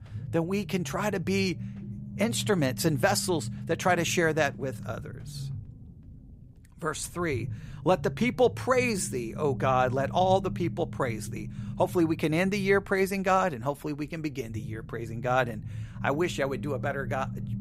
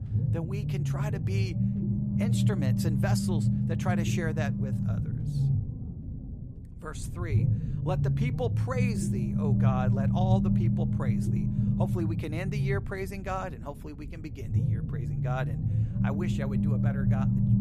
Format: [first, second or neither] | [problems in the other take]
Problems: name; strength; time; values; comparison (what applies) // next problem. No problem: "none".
first | low rumble; loud; throughout; 1 dB below the speech; faint in the first